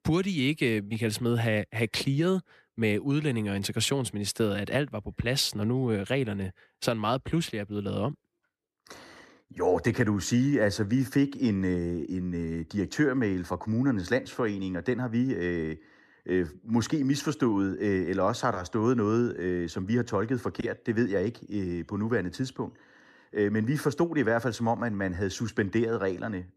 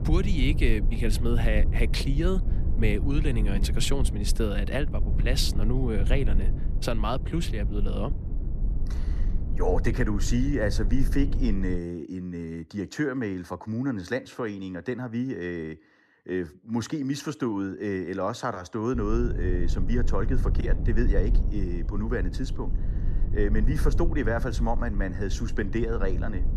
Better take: first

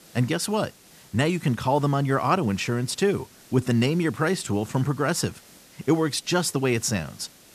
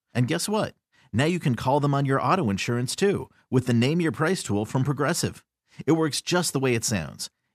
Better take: second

